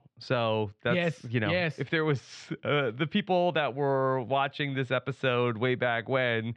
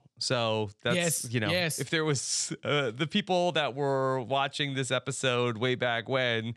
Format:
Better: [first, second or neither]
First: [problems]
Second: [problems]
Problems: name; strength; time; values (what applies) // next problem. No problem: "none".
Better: second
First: muffled; very; fading above 3 kHz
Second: none